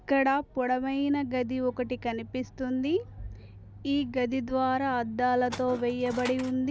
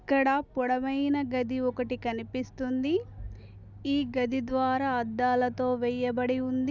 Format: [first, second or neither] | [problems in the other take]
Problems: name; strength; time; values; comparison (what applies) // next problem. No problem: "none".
second | background sound (Tools); 13 dB below the speech